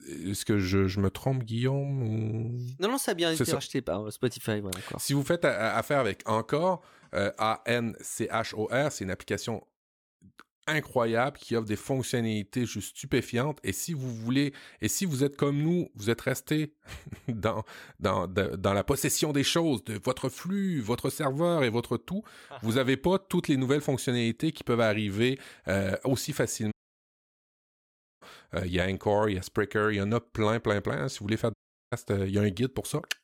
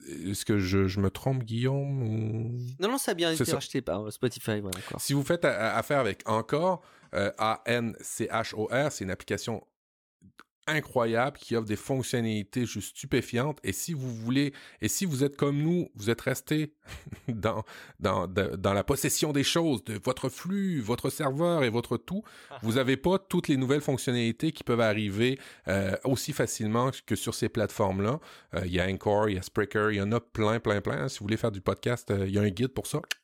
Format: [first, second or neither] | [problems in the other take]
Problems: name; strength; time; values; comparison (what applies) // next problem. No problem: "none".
second | audio cutting out; at 27 s for 1.5 s and at 32 s